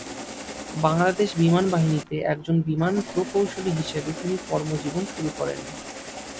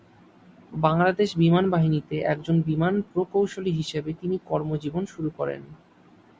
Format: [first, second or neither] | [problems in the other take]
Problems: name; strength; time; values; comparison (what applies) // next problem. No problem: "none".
second | background sound (Engine starting); 12 dB below the speech